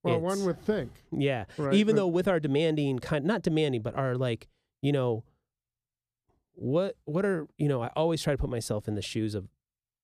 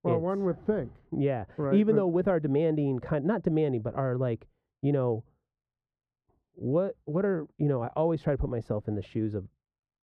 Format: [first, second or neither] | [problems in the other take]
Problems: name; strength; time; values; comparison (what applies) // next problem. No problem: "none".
first | muffled; very; fading above 3 kHz